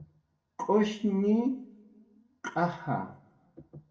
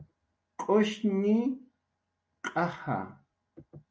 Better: second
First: room echo; dies away in 0.7 s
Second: none

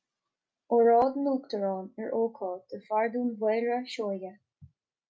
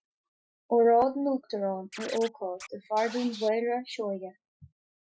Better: first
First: none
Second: noise reduction (classical method spectral subtraction)

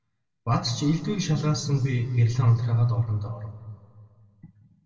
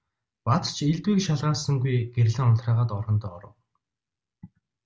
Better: second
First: room echo; dies away in 1.7 s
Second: none

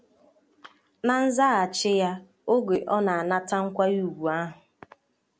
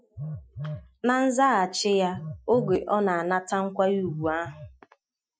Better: first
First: none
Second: noise reduction (classical method Wiener filter)

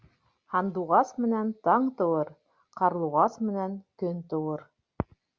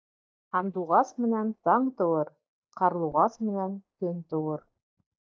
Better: first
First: none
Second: noise reduction (neural mask model DeepFilterNet 3)

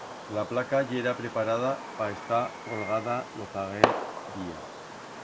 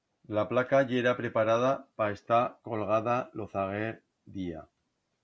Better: second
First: background sound (Fireworks); 3 dB below the speech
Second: none

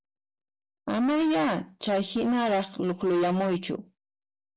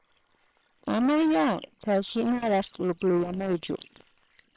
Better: first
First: none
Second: noise reduction (neural separator model SepFormer WHAM!)

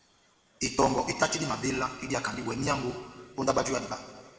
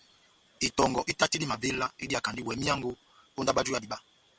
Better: second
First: room echo; dies away in 1.9 s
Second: none

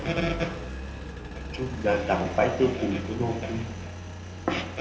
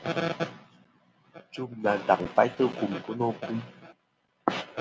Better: second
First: background sound (Engine); 7 dB below the speech // room echo; dies away in 0.7 s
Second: none

